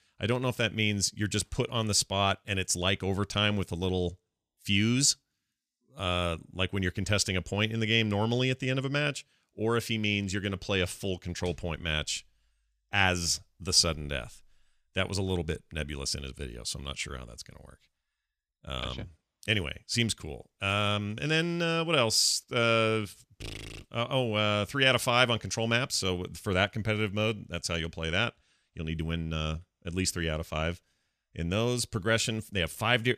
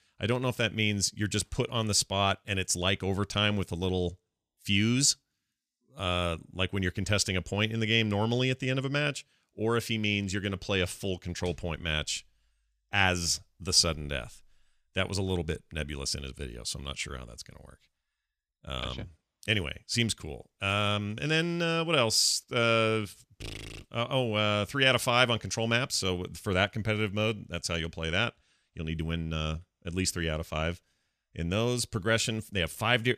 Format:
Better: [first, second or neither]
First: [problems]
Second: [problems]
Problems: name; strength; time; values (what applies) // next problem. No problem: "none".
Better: neither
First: none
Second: none